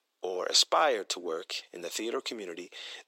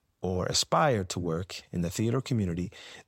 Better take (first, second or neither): second